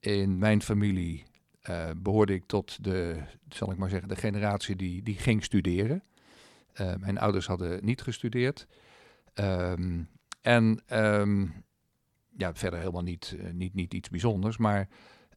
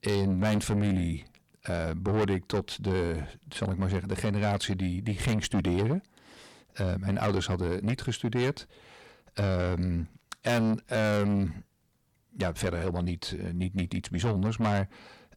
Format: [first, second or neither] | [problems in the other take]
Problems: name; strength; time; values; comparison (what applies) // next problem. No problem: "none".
first | distortion; heavy; 8 dB below the speech